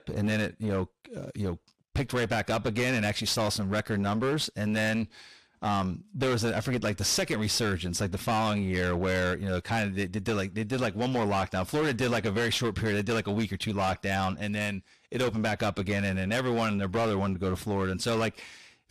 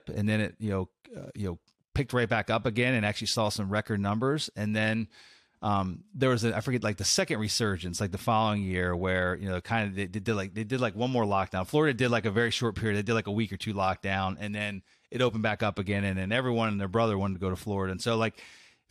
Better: second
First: distortion; heavy; 18% of the sound clipped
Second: none

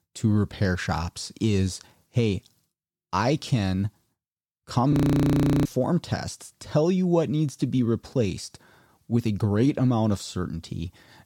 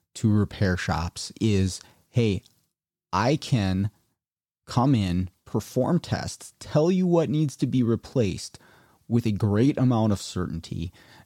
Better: second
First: audio freezing; at 5 s for 0.5 s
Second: none

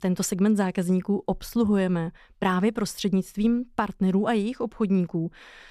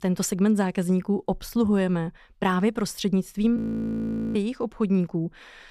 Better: first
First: none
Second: audio freezing; at 3.5 s for 1 s

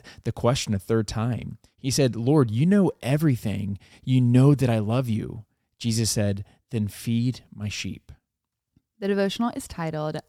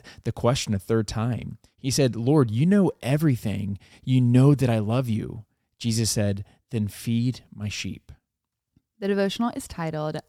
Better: neither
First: none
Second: none

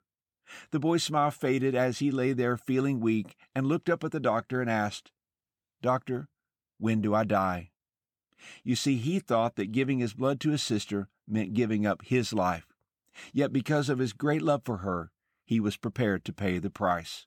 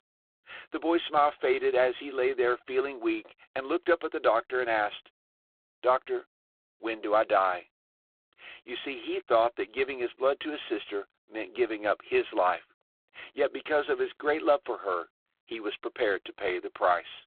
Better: first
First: none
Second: phone-call audio; poor line

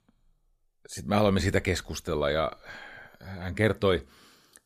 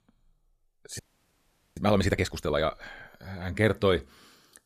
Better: first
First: none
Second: audio freezing; at 1 s for 1 s

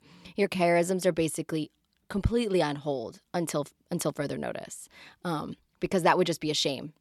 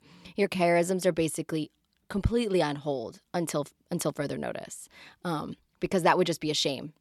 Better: neither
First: none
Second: none

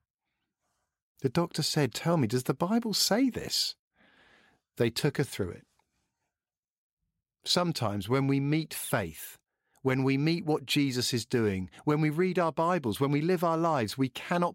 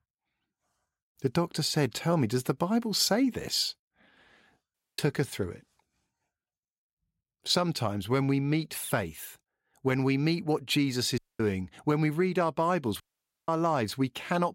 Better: first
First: none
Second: audio cutting out; at 4.5 s, at 11 s and at 13 s

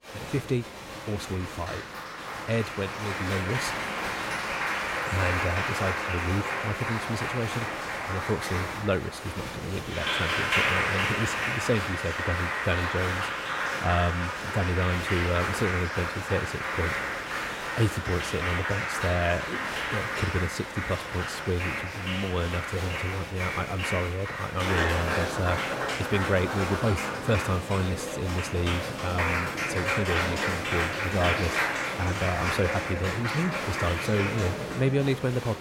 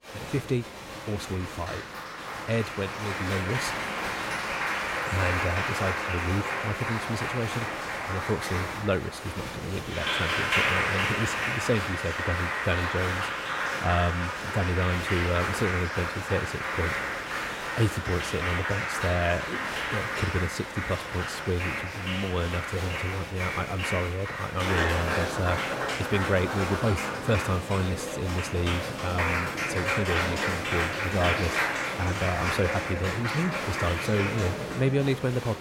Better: neither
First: crowd noise; very loud; throughout; 1 dB above the speech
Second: crowd noise; very loud; throughout; 1 dB above the speech

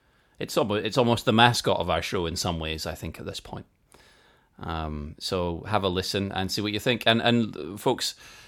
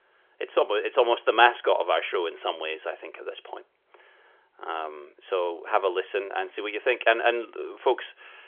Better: first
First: none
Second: phone-call audio; nothing above 3.5 kHz

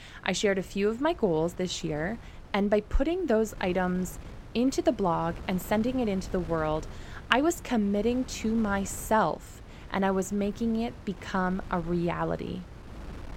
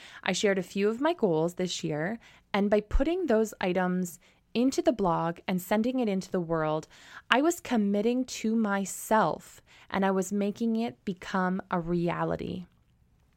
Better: second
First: wind noise on the microphone; occasional gusts; 20 dB below the speech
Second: none

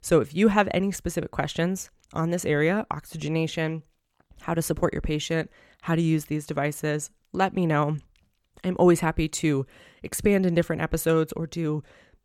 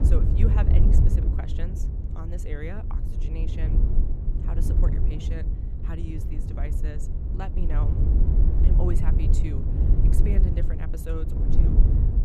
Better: first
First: none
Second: wind noise on the microphone; heavy; 1 dB above the speech

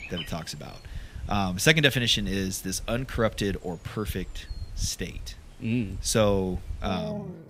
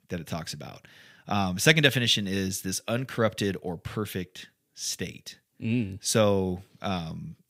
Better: second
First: animal sounds; noticeable; throughout; 15 dB below the speech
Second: none

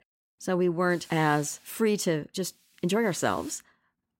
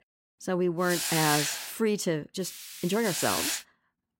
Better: first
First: hiss; faint; at 1 s and from 2.5 to 3.5 s; 25 dB below the speech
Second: hiss; loud; at 1 s and from 2.5 to 3.5 s; 1 dB below the speech

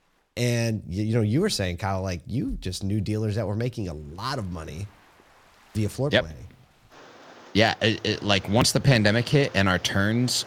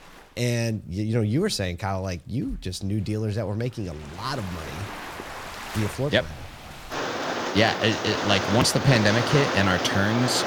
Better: first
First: rain or running water; faint; throughout; 25 dB below the speech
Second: rain or running water; loud; throughout; 5 dB below the speech

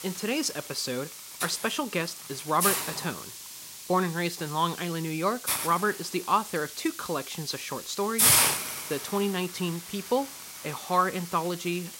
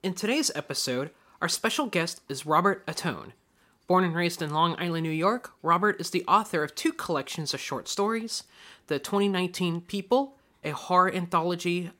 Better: second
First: hiss; loud; throughout; as loud as the speech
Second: none

